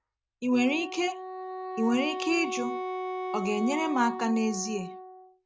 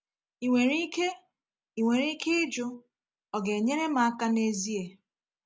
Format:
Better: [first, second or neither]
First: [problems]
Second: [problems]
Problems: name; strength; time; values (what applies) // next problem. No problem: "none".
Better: second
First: background sound (Wind instrument, woodwind instrument); 7 dB below the speech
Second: none